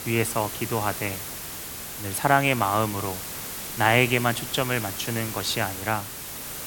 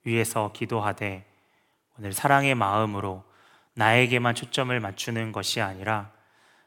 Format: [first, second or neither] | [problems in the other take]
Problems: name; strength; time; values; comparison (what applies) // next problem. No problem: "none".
second | hiss; loud; throughout; 8 dB below the speech